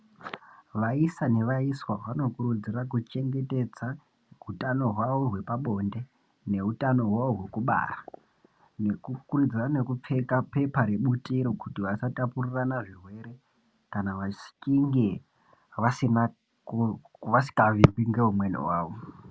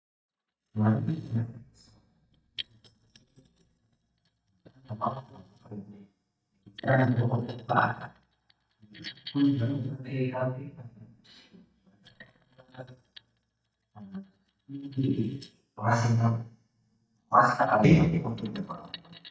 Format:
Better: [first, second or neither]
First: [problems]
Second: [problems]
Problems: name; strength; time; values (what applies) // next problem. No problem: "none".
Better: first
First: none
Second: noise reduction (neural mask model DeepFilterNet 3)